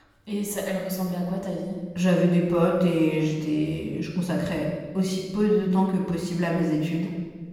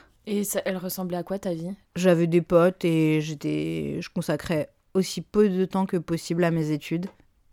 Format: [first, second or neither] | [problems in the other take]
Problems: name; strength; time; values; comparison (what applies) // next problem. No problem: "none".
second | off-mic speech; far // room echo; noticeable; dies away in 1.2 s